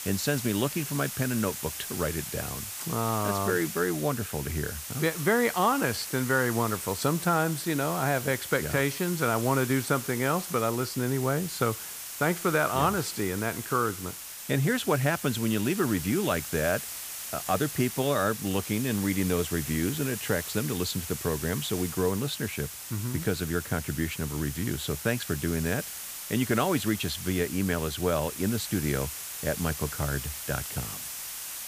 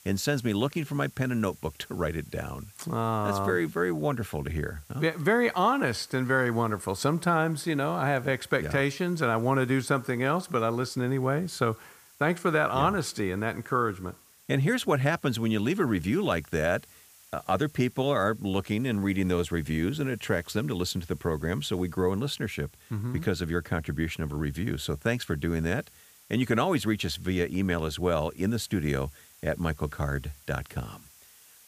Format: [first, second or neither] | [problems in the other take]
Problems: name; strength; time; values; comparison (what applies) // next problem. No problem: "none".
second | hiss; loud; throughout; 7 dB below the speech; faint in the second